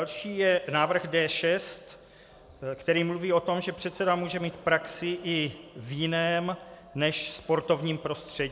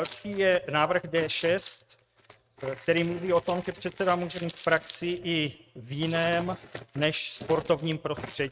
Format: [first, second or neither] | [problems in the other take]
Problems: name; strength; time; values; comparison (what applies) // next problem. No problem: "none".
first | noise reduction (neural mask model RNNoise)